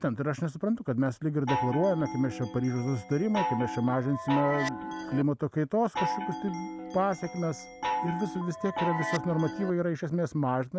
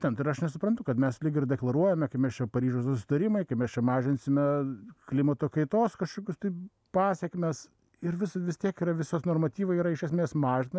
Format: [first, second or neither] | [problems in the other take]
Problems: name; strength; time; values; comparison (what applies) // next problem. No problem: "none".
second | background sound (Chime); 5 dB below the speech